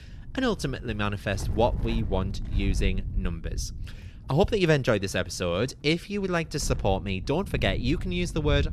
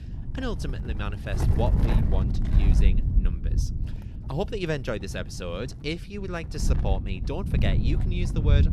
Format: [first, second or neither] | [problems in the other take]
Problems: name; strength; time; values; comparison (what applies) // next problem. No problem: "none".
first | wind noise on the microphone; heavy; 6 dB below the speech; occasional gusts in the first